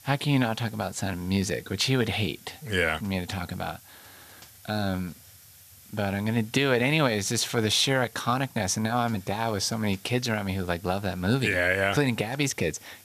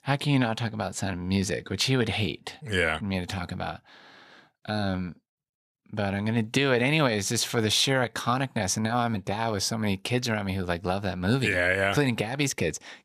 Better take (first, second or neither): second